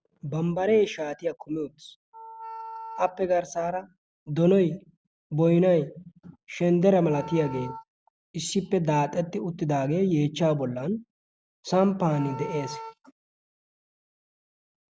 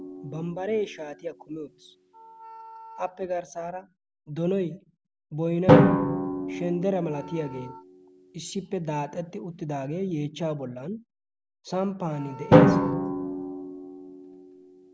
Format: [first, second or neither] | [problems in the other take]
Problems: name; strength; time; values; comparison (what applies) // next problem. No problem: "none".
first | background sound (Drum); 4 dB above the speech